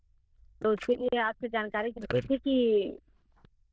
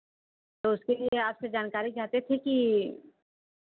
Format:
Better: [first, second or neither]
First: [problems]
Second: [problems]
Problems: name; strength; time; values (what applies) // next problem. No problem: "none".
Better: second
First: noise reduction (neural diffusion model UNIVERSE++)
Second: none